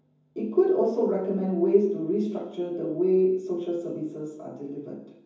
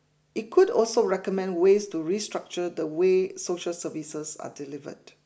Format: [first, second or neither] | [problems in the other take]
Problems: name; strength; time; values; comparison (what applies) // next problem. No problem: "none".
second | room echo; dies away in 0.9 s